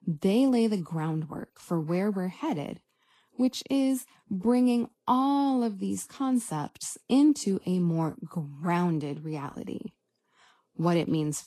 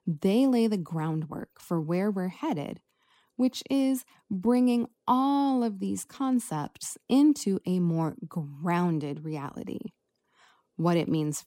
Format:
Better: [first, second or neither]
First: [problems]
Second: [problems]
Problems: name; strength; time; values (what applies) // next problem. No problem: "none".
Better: second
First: garbled, watery; slightly; nothing above 12.5 kHz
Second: none